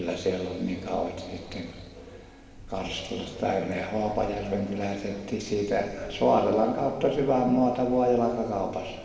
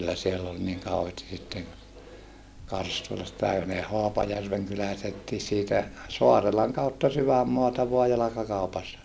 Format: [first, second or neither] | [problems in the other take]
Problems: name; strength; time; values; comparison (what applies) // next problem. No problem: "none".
second | room echo; dies away in 1.8 s